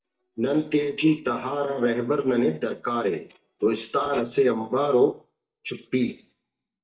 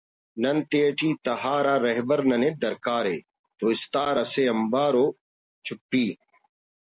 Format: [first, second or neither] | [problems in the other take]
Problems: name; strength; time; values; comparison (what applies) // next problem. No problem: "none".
second | noise reduction (neural mask model DeepFilterNet 3)